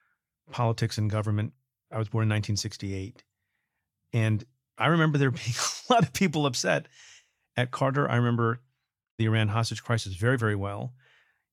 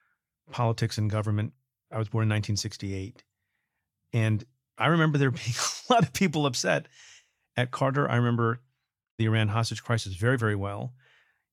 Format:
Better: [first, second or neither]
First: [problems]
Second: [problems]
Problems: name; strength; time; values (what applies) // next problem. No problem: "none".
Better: neither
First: none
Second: none